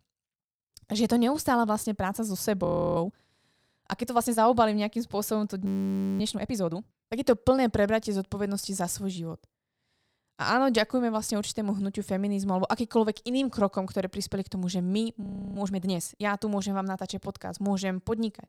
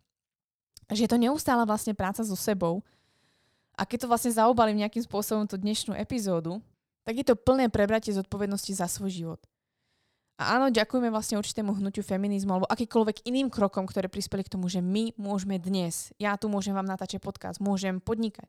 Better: second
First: audio freezing; at 2.5 s, at 5.5 s for 0.5 s and at 15 s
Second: none

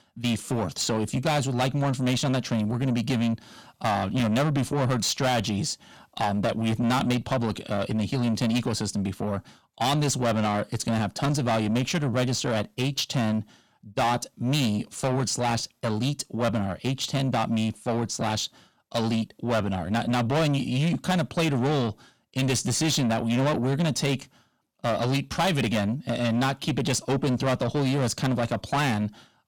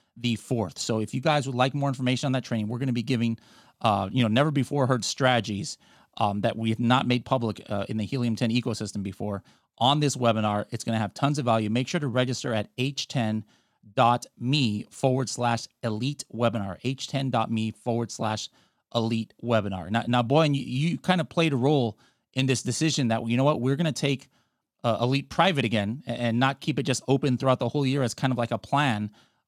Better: second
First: distortion; heavy; 7 dB below the speech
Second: none

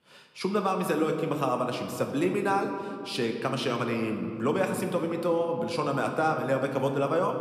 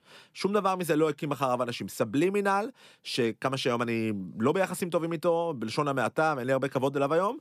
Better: second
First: room echo; slight; dies away in 1.7 s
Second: none

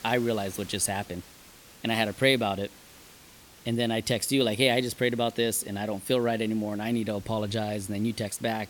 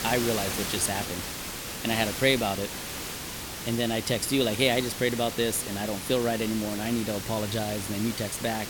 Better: first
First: hiss; faint; throughout; 20 dB below the speech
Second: hiss; loud; throughout; 6 dB below the speech

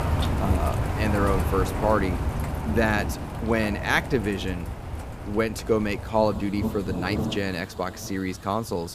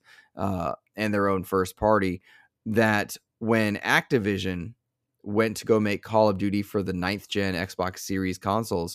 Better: second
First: rain or running water; loud; throughout; 3 dB below the speech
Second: none

